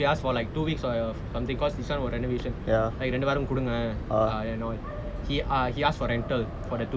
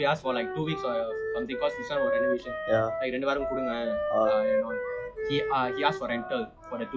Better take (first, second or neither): first